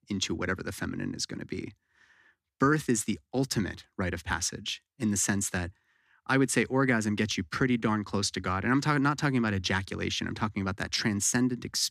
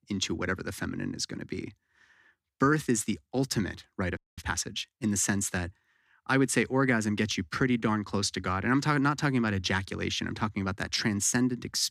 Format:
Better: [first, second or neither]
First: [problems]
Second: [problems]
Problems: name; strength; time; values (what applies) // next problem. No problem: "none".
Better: first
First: none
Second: audio freezing; at 4 s